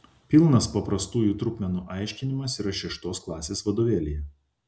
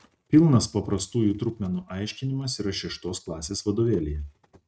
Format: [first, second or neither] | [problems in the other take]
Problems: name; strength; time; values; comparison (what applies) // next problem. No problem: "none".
first | noise reduction (neural mask model RNNoise)